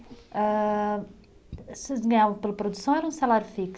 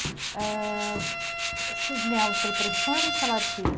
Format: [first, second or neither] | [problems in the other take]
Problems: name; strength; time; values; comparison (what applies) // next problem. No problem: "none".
first | background sound (Bowed string instrument + Tools); 3 dB above the speech